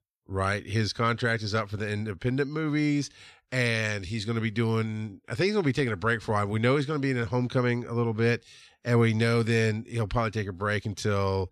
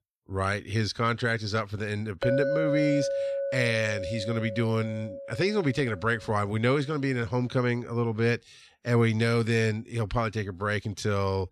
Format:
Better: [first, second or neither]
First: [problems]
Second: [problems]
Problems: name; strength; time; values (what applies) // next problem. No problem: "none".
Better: first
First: none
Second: clattering dishes; loud; from 2 to 5.5 s; peak 1 dB above the speech